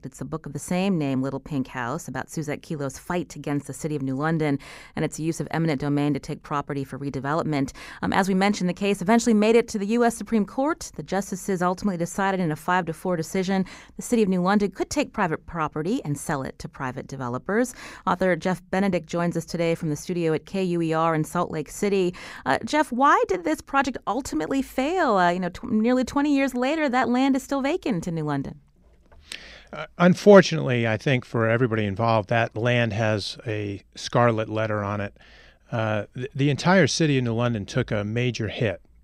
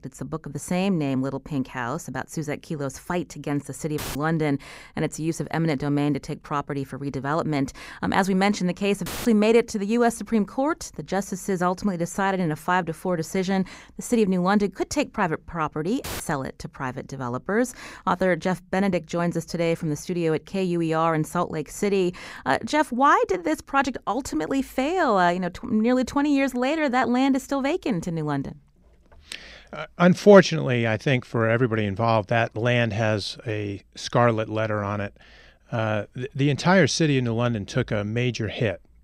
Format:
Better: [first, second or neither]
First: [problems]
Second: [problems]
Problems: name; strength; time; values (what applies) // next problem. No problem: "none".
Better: first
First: none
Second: audio cutting out; filled with static; at 4 s, at 9 s and at 16 s